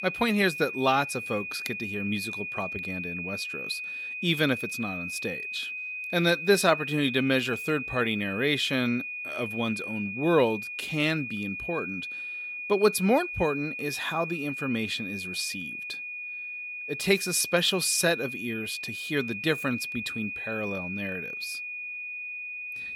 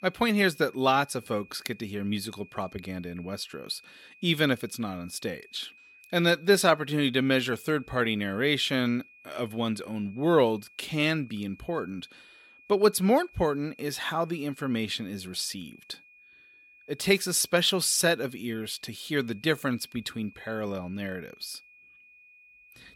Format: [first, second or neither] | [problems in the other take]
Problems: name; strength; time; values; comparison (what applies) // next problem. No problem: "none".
second | high-pitched whine; loud; throughout; 2.5 kHz, 5 dB below the speech; faint in the second